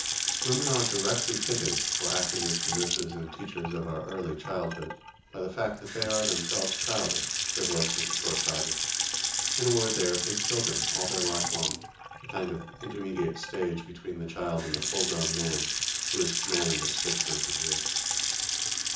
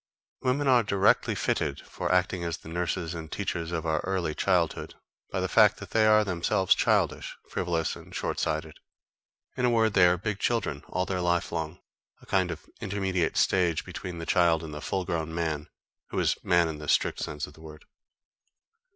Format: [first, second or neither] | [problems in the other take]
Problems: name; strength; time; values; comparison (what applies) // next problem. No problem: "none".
second | background sound (Sink (filling or washing) / Water tap, faucet / Splash, splatter); 3 dB above the speech // room echo; dies away in 0.6 s